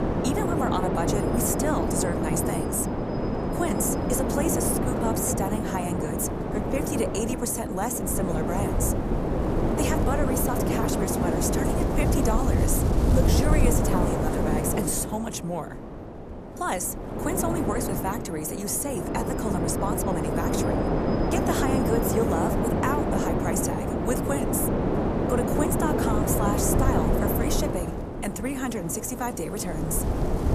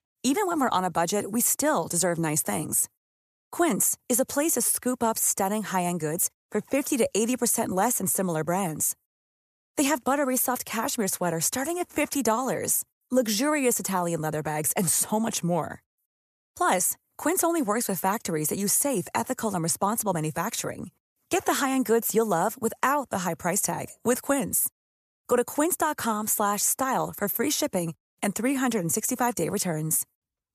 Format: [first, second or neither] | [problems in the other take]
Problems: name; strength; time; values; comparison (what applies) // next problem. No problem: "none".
second | wind noise on the microphone; heavy; 1 dB above the speech